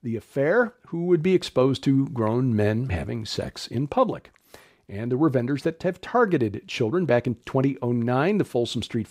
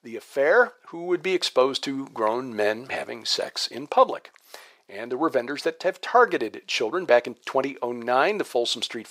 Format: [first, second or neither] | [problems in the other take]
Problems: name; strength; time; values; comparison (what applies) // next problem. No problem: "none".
first | thin; very; fading below 650 Hz